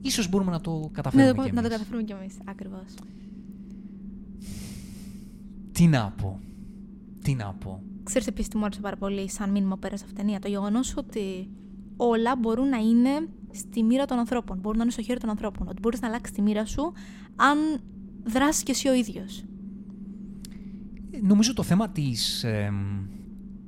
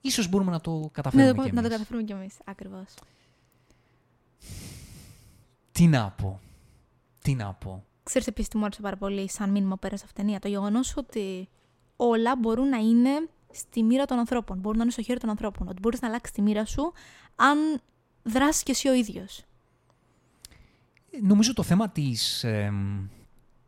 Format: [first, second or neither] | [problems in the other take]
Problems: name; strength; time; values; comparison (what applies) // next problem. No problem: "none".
second | low rumble; faint; throughout; 20 dB below the speech